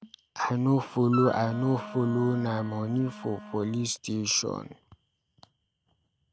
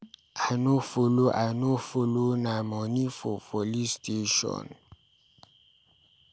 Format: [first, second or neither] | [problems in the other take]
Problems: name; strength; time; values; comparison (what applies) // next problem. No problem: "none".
second | noise reduction (neural mask model RNNoise)